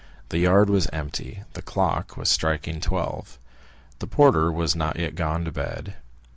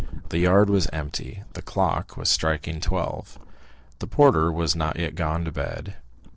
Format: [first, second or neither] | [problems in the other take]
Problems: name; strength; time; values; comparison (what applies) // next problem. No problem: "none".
first | noise reduction (neural separator model SepFormer DNS4)